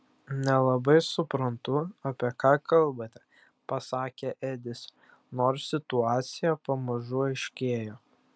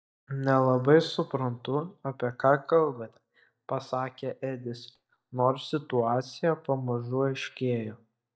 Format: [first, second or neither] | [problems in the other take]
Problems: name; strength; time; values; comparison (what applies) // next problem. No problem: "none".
first | noise reduction (neural mask model DeepFilterNet 3)